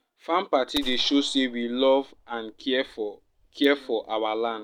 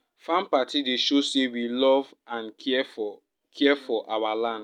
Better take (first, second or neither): second